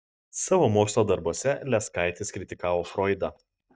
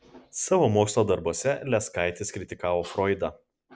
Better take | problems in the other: second | noise reduction (neural mask model DeepFilterNet 3)

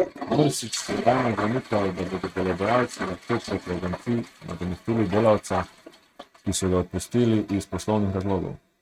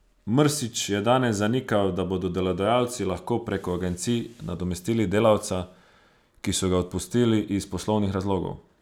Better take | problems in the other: second | noise reduction (neural mask model RNNoise)

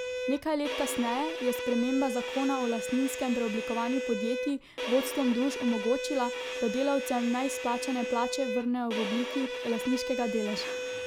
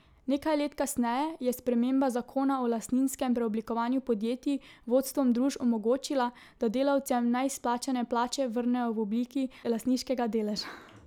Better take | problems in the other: second | background sound (Bowed string instrument); 4 dB below the speech

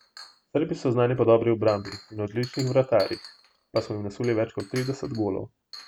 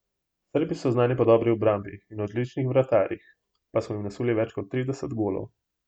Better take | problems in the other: second | background sound (Chink, clink); 20 dB below the speech

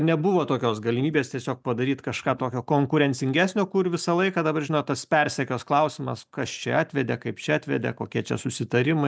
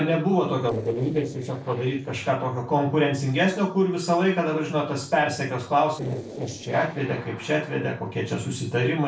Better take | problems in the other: first | noise reduction (neural separator model SepFormer DNS4)

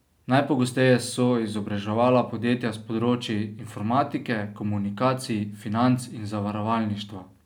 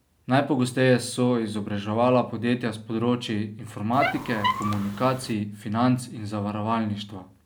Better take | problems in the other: first | background sound (Squeak); 5 dB below the speech

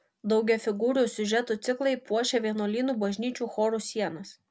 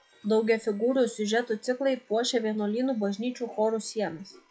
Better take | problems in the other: first | noise reduction (classical method log-MMSE)

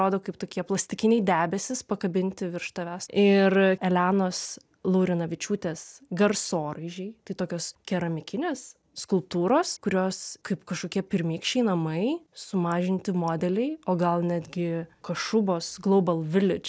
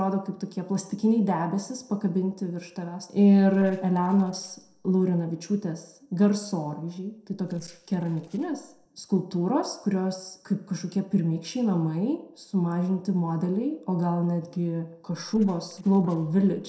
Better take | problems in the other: first | noise reduction (neural separator model SepFormer DNS4)

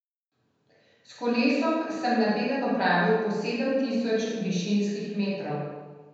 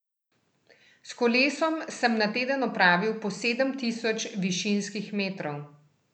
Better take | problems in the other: second | room echo; dies away in 1.2 s

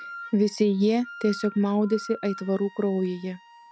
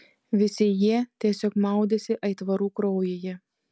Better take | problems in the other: second | background sound (Wind instrument, woodwind instrument); 18 dB below the speech

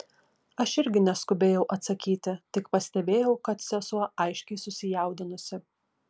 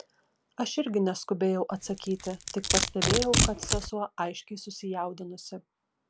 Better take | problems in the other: first | background sound (Domestic sounds, home sounds); 1 dB below the speech

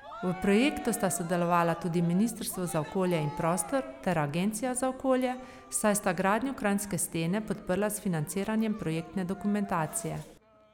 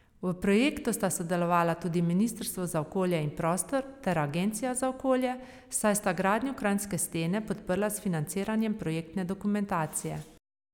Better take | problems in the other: second | background sound (Cheering); 17 dB below the speech

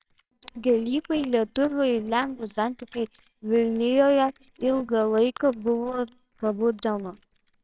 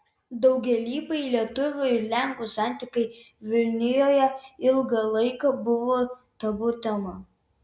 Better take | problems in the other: second | noise reduction (neural separator model SepFormer WHAMR!)

